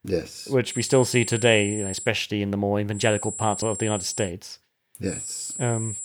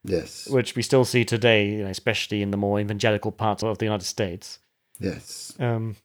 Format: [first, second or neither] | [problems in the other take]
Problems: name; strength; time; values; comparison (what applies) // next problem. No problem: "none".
second | high-pitched whine; loud; from 0.5 to 2 s, from 3 to 4.5 s and at 5 s; 7.5 kHz, 8 dB below the speech